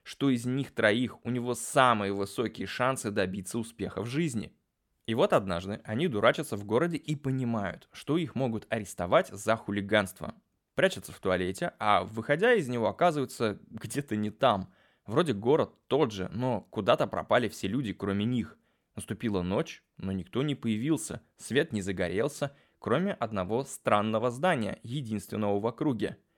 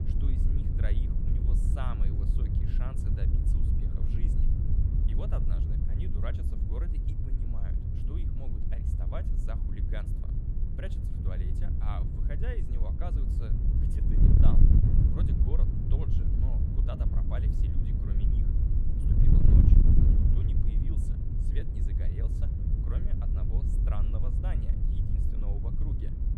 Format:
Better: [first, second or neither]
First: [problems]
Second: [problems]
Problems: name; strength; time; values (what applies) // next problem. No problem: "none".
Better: first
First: none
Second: wind noise on the microphone; heavy; 4 dB above the speech